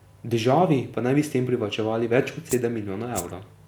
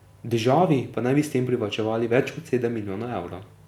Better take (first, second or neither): second